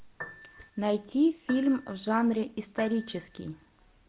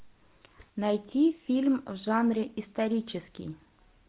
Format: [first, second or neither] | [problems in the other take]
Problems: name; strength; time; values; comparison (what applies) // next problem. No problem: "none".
second | background sound (Piano); 18 dB below the speech